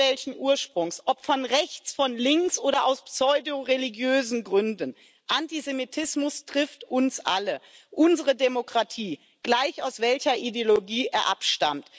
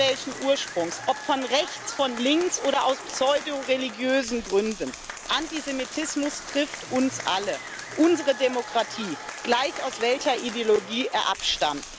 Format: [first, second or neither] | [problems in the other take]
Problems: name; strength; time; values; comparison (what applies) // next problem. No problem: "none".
first | background sound (Applause / Crowd); 12 dB below the speech